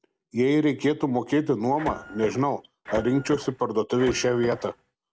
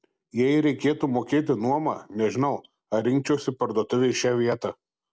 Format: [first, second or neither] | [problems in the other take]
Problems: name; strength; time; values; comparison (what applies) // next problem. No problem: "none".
second | background sound (Printer); 14 dB below the speech